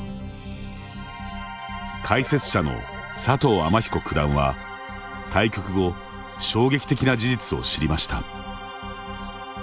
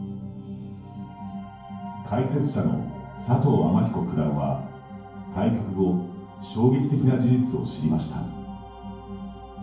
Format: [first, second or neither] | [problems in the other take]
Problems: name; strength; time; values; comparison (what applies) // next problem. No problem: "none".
first | room echo; dies away in 0.9 s